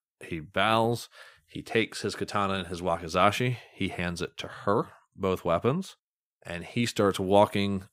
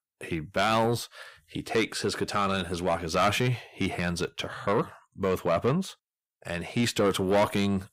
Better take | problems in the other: first | distortion; heavy; 8 dB below the speech

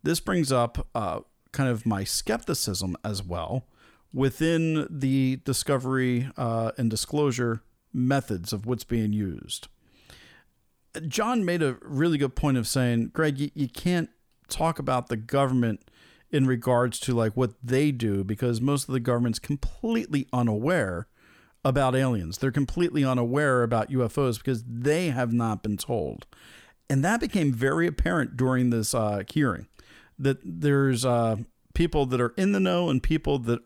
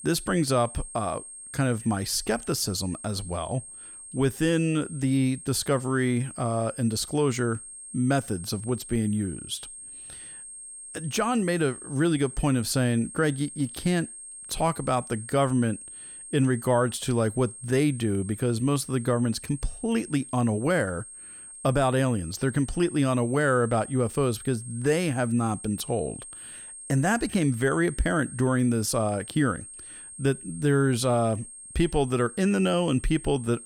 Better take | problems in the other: first | high-pitched whine; noticeable; throughout; 8.5 kHz, 15 dB below the speech

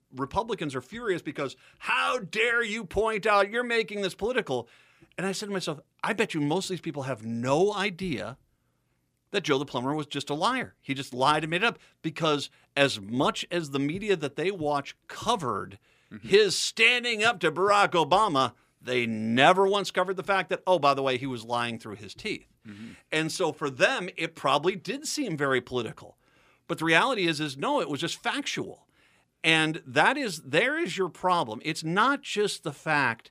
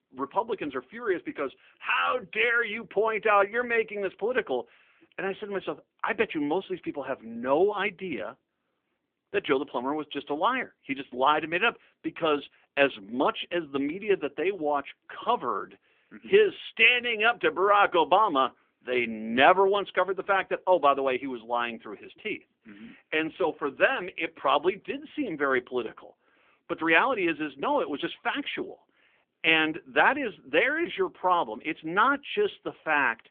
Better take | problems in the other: first | phone-call audio; nothing above 3 kHz

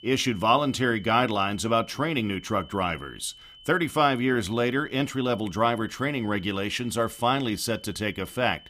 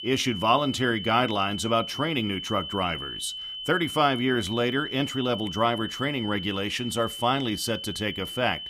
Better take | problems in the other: first | high-pitched whine; loud; throughout; 3 kHz, 7 dB below the speech; faint in the first

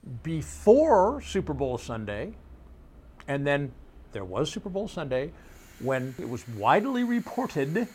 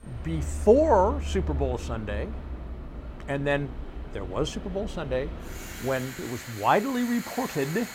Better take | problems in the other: first | traffic noise; loud; throughout; 10 dB below the speech; faint in the first

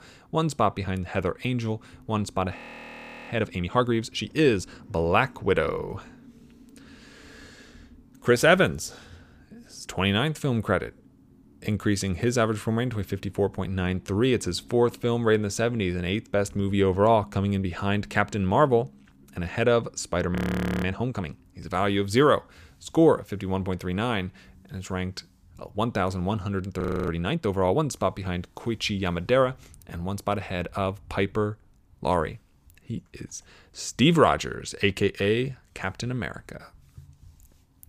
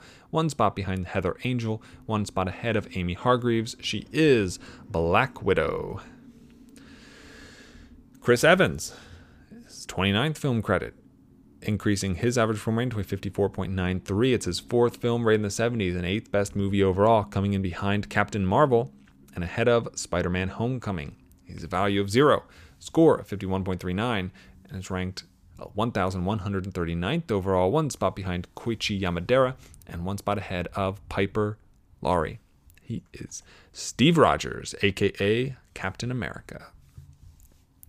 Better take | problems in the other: second | audio freezing; at 2.5 s for 0.5 s, at 20 s and at 27 s

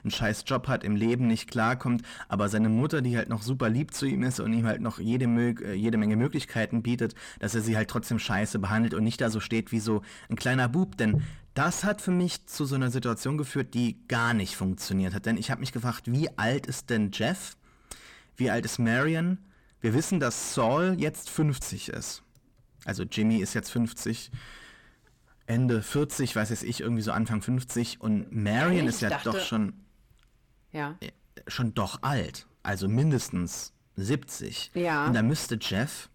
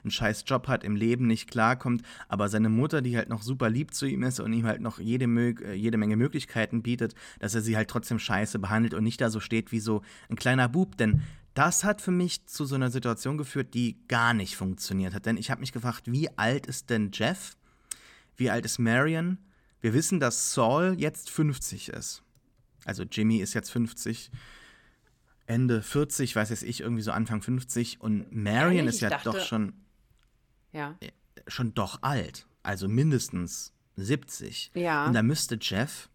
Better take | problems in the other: second | distortion; slight; 10 dB below the speech

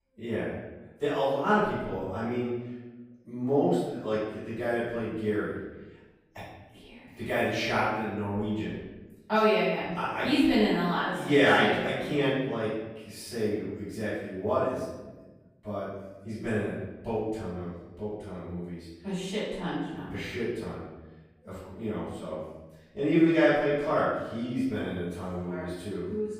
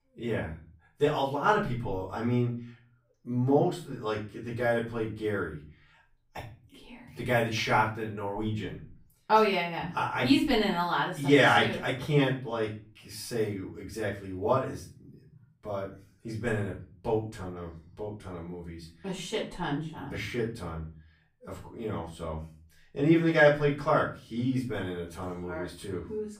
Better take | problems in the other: second | room echo; strong; dies away in 1 s; slight in the second // off-mic speech; far; far in the second

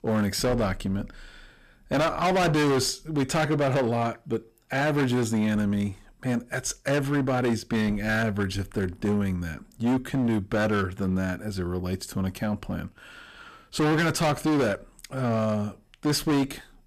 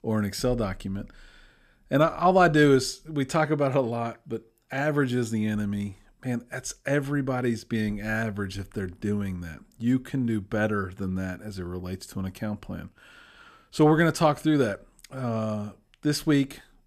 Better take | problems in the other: second | distortion; heavy; 17% of the sound clipped

